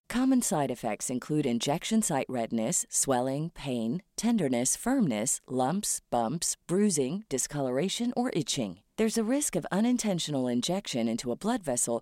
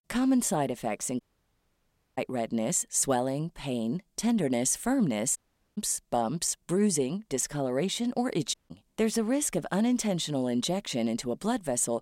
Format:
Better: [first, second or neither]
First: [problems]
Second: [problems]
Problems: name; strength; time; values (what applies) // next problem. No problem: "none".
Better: first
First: none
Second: audio cutting out; at 1 s for 1 s, at 5.5 s and at 8.5 s